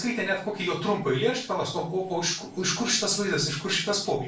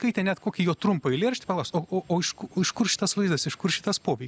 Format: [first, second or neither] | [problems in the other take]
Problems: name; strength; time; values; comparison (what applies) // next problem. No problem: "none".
second | room echo; dies away in 0.3 s